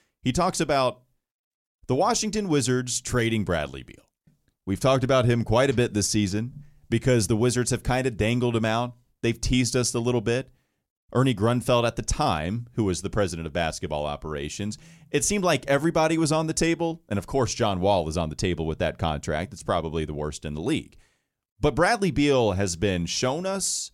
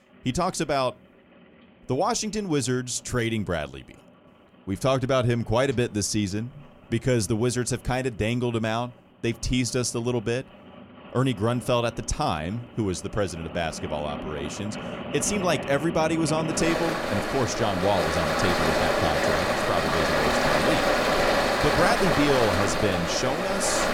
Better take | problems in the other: first | rain or running water; very loud; throughout; 1 dB above the speech

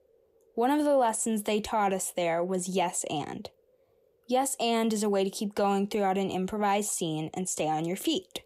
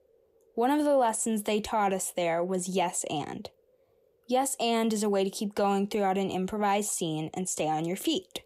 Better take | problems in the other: neither | none

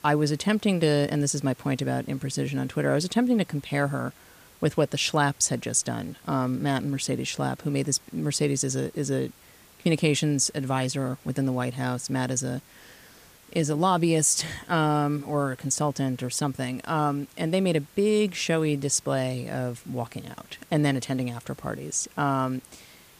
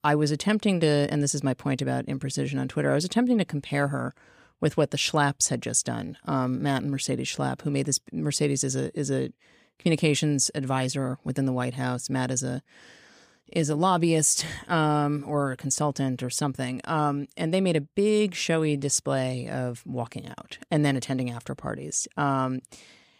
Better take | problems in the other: second | hiss; faint; throughout; 25 dB below the speech

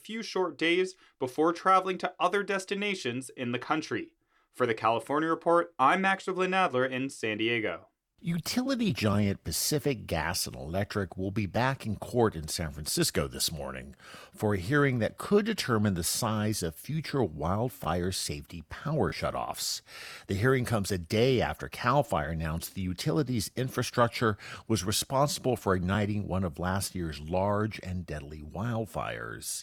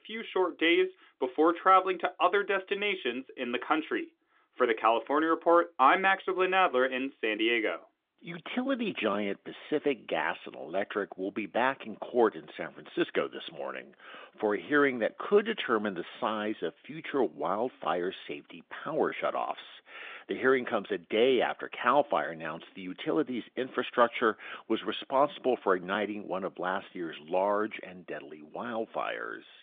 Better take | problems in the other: first | phone-call audio; nothing above 3.5 kHz

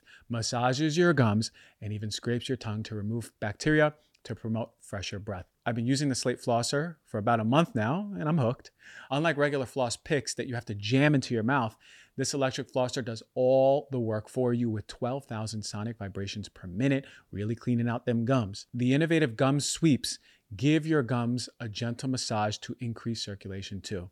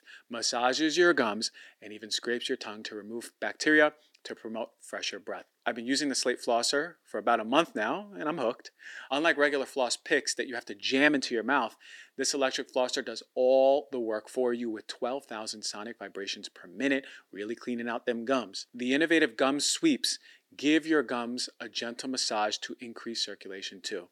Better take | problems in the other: first | thin; somewhat; fading below 300 Hz

